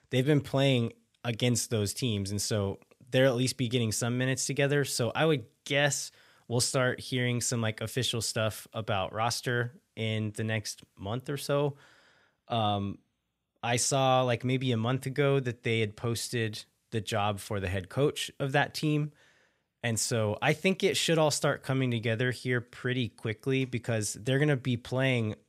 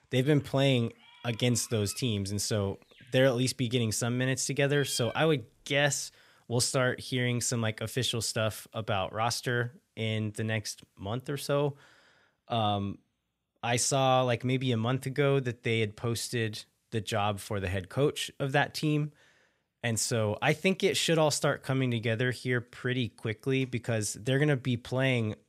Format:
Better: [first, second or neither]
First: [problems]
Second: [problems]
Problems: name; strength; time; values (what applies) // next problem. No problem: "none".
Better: first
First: none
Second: animal sounds; noticeable; until 6 s; 15 dB below the speech